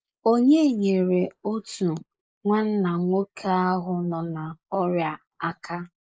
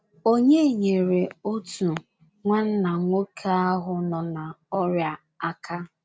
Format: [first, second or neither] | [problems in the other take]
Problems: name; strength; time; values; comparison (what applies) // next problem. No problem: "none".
second | noise reduction (neural mask model Resemble Enhance denoiser)